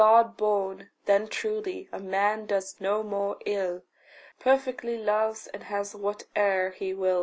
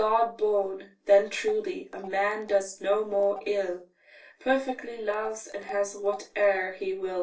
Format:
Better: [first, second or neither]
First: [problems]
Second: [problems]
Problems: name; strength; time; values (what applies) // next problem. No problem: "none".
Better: first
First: none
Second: noise reduction (neural separator model SepFormer DNS4)